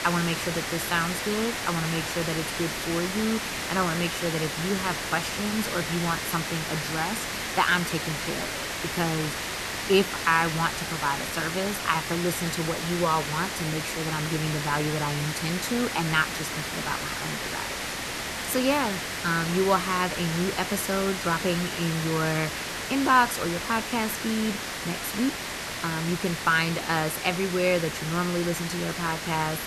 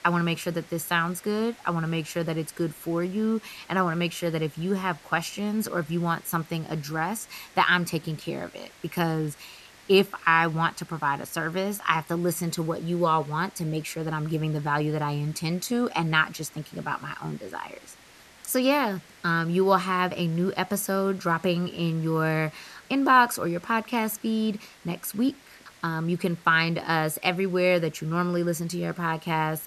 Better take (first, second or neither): second